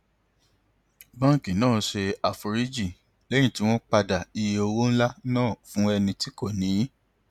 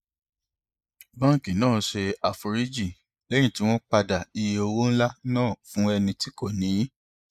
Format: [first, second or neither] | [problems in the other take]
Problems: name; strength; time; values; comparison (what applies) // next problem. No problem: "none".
first | noise reduction (neural mask model Resemble Enhance denoiser)